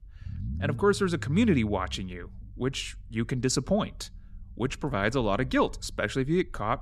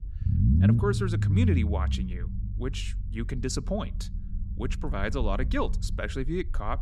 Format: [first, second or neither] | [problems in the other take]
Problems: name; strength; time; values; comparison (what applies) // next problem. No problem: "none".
first | low rumble; loud; throughout; 5 dB below the speech; faint in the first